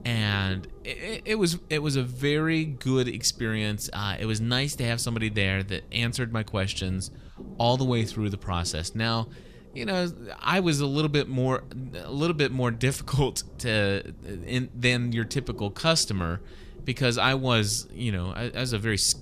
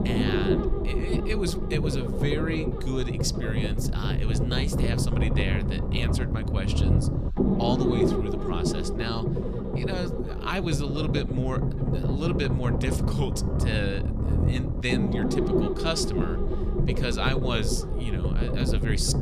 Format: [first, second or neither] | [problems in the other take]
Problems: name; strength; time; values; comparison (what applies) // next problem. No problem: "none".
first | low rumble; loud; throughout; as loud as the speech; faint in the first